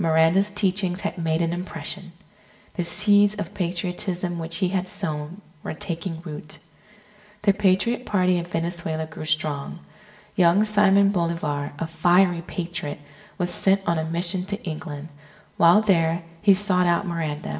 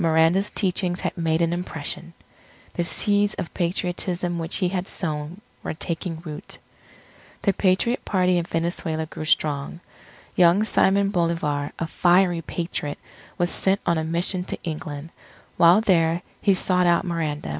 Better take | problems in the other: second | room echo; dies away in 0.7 s

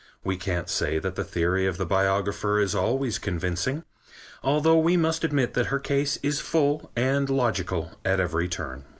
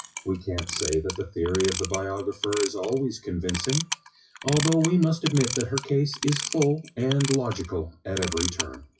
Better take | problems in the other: first | noise reduction (classical method WPE with log-MMSE)

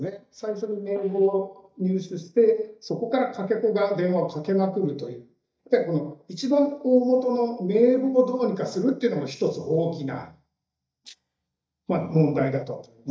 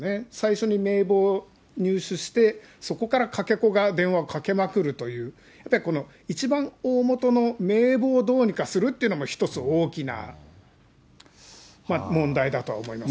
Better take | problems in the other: second | noise reduction (neural mask model DeepFilterNet 3)

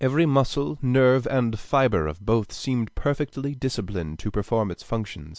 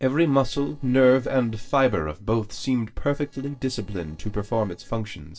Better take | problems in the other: first | noise reduction (neural separator model SepFormer DNS4)

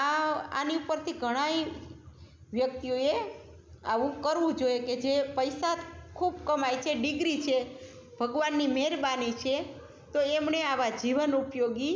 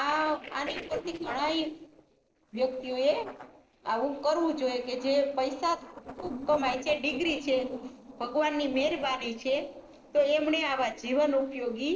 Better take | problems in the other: first | noise reduction (neural separator model SepFormer DNS4)

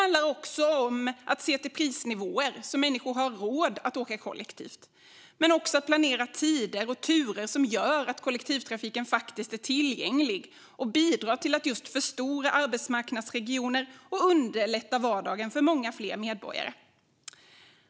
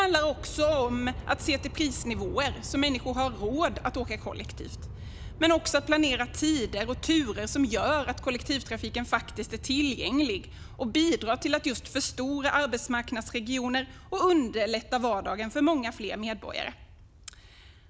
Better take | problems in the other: first | background sound (Aircraft); 13 dB below the speech

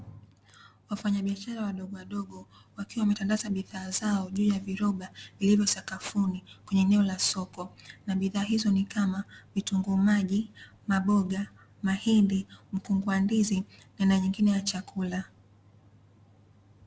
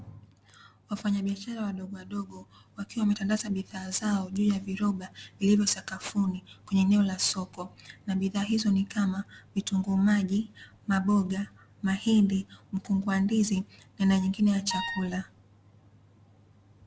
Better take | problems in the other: first | background sound (Wind instrument, woodwind instrument); 7 dB below the speech

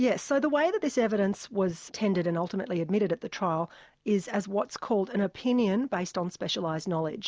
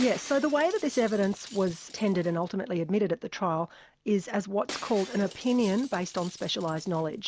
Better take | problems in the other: first | background sound (Shatter); 18 dB below the speech

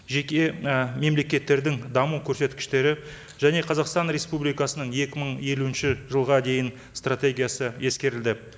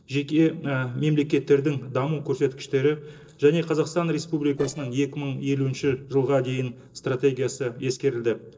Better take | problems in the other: first | noise reduction (neural separator model SepFormer DNS4)

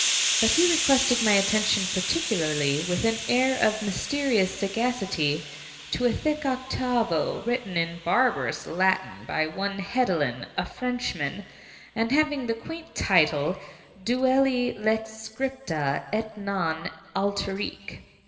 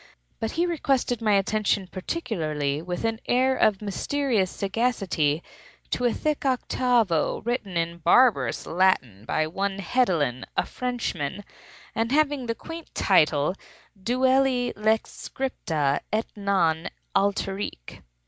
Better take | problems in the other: second | background sound (Hiss); 7 dB below the speech // room echo; dies away in 1.4 s

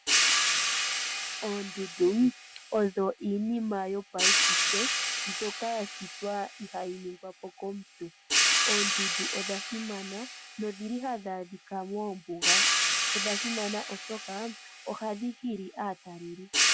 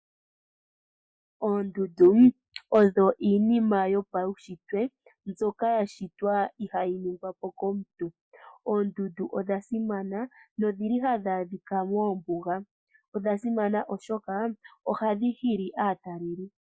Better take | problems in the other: second | background sound (Hi-hat); 4 dB above the speech

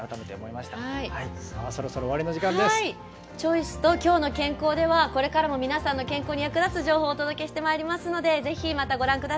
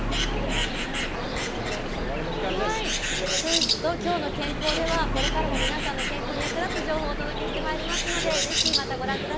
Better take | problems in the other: first | background sound (Bird); 4 dB above the speech

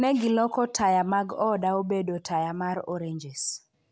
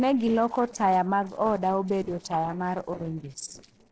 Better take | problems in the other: first | noise reduction (neural separator model SepFormer DNS4)

